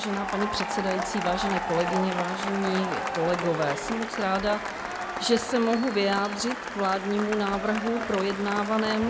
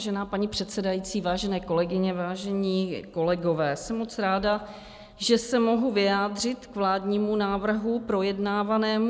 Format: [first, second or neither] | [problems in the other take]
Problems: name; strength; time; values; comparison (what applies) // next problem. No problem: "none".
second | background sound (Applause / Cheering); 4 dB below the speech